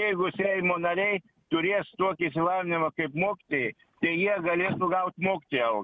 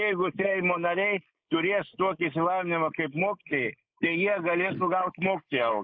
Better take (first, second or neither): first